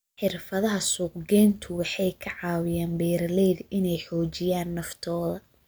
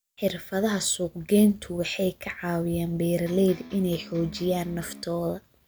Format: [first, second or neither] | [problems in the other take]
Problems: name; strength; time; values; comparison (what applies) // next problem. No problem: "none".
first | background sound (Electric guitar); 18 dB below the speech